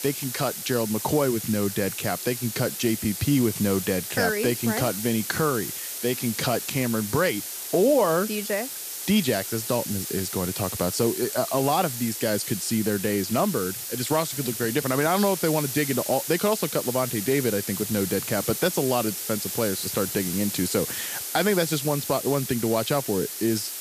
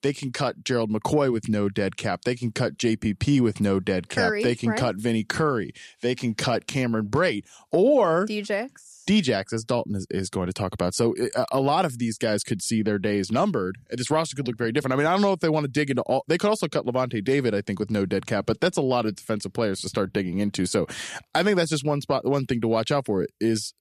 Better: second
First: hiss; loud; throughout; 5 dB below the speech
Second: none

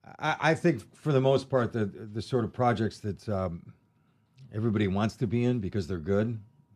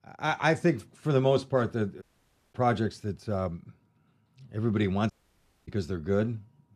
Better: first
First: none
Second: audio cutting out; at 2 s for 0.5 s and at 5 s for 0.5 s

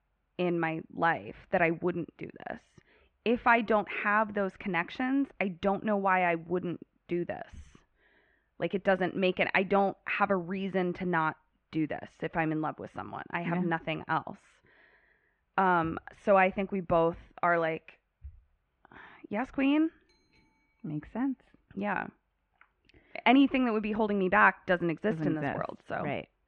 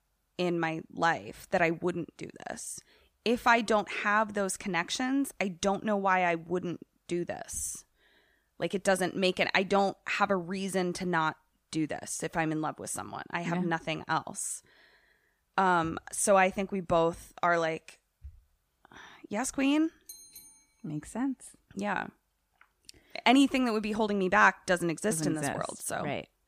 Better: second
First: muffled; very; fading above 2.5 kHz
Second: none

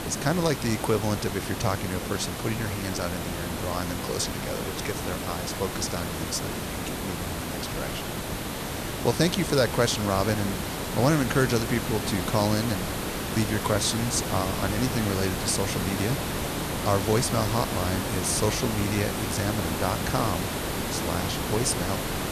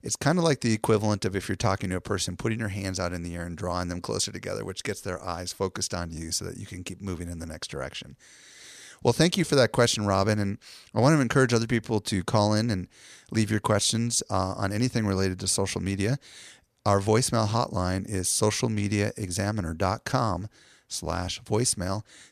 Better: second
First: hiss; loud; throughout; 2 dB below the speech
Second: none

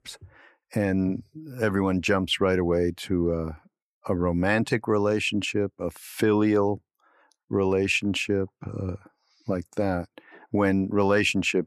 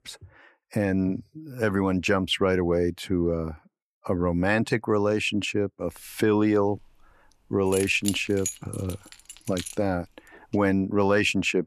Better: first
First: none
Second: jangling keys; noticeable; from 7.5 to 9.5 s; peak 6 dB below the speech

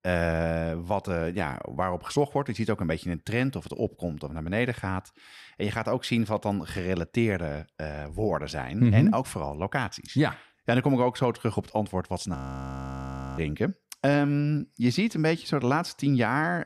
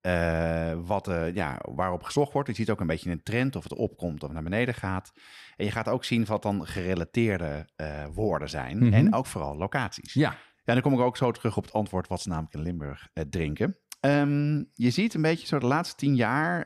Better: second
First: audio freezing; at 12 s for 1 s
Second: none

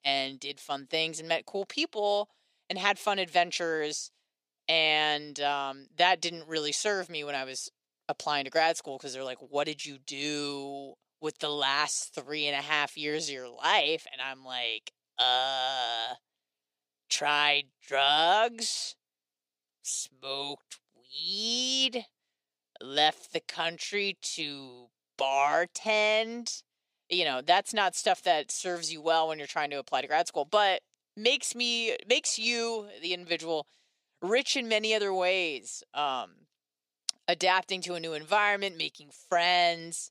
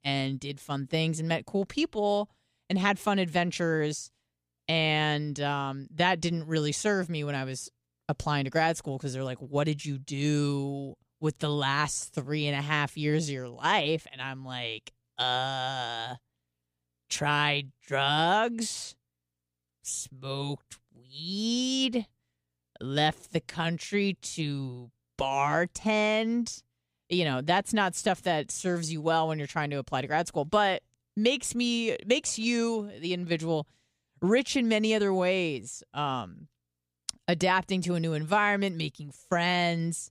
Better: second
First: thin; somewhat; fading below 450 Hz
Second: none

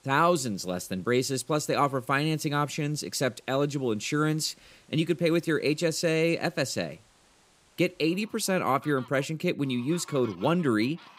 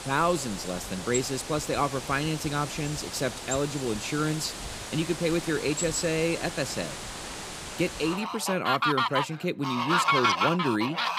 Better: first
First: animal sounds; faint; throughout; 25 dB below the speech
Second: animal sounds; loud; throughout; 2 dB below the speech

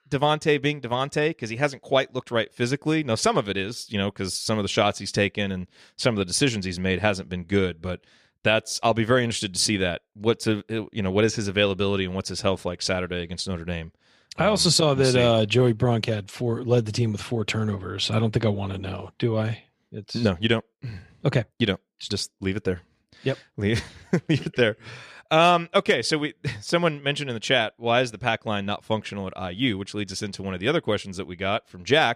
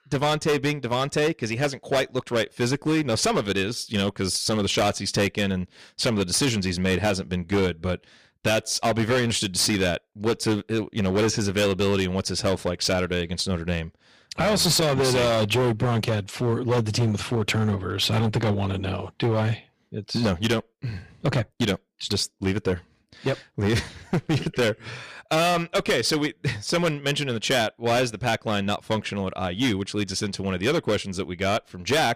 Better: first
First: none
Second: distortion; heavy; 12% of the sound clipped

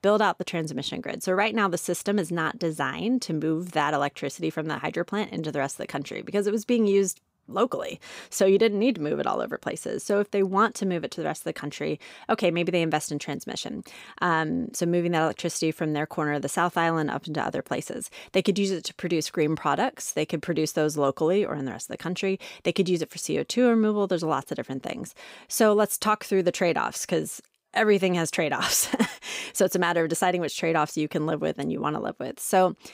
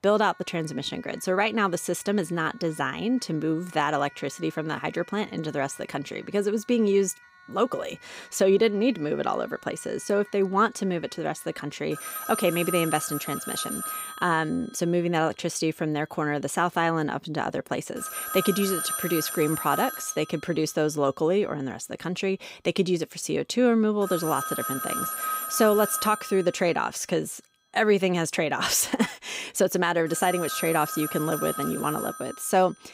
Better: first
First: none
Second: alarms or sirens; loud; throughout; 6 dB below the speech

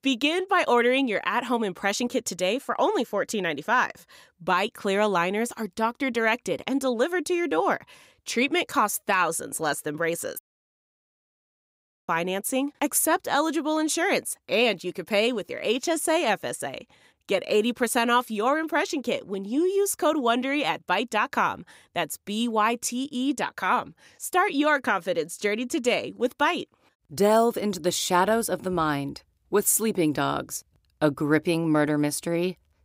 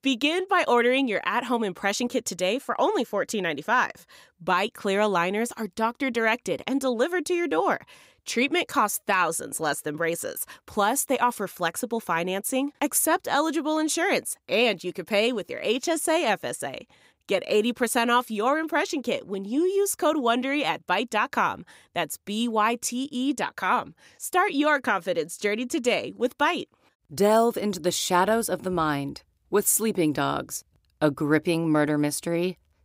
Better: second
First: audio cutting out; at 10 s for 1.5 s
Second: none

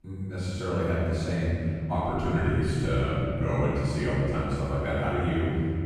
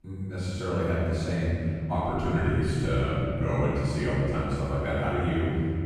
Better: neither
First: room echo; strong; dies away in 3 s // off-mic speech; far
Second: room echo; strong; dies away in 3 s // off-mic speech; far

